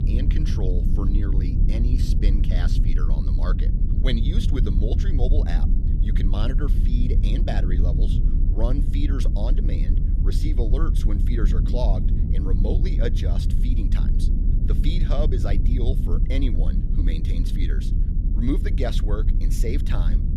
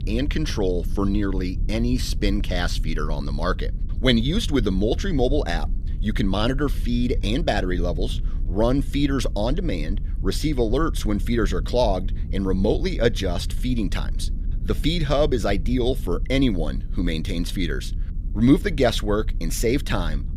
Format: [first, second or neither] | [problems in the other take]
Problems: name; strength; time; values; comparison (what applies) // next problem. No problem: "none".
second | low rumble; loud; throughout; 4 dB below the speech; faint in the second